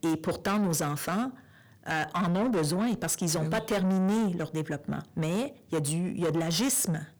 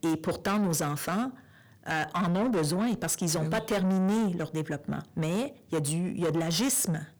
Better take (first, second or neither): neither